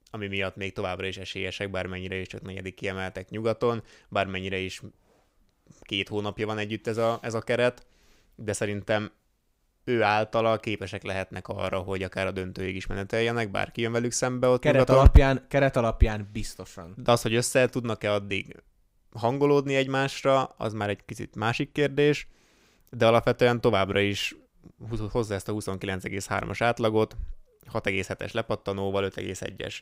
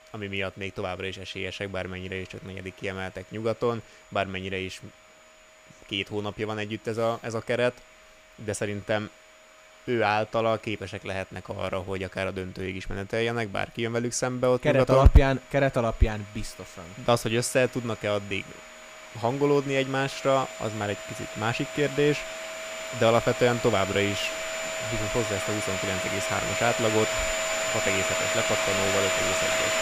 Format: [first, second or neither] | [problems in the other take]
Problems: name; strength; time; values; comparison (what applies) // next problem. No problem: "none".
first | household noises; loud; throughout; 1 dB below the speech